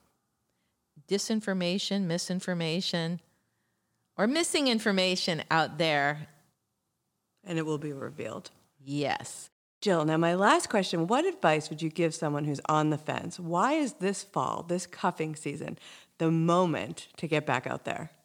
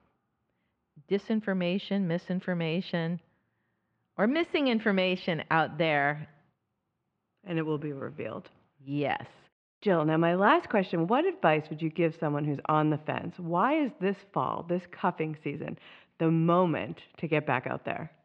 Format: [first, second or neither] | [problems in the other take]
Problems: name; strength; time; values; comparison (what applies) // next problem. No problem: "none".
first | muffled; very; fading above 2.5 kHz